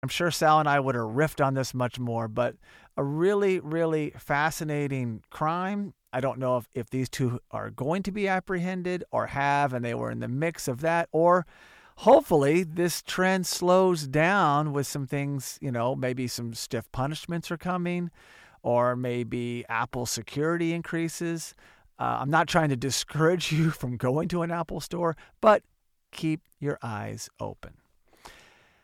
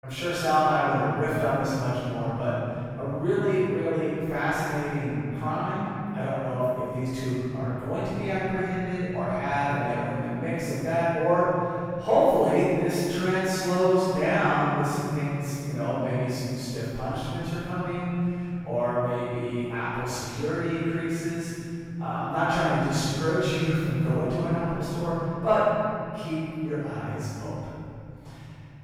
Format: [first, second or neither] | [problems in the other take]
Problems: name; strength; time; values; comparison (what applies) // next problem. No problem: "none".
first | room echo; strong; dies away in 3 s // off-mic speech; far